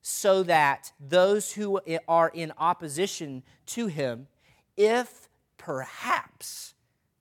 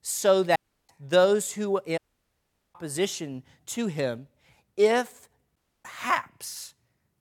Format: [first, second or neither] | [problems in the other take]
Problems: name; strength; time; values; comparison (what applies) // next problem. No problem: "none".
first | audio cutting out; at 0.5 s, at 2 s for 1 s and at 5.5 s